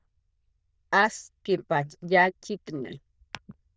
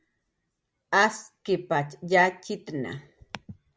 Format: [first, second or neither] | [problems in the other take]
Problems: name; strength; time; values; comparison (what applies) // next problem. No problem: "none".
second | noise reduction (neural diffusion model UNIVERSE++)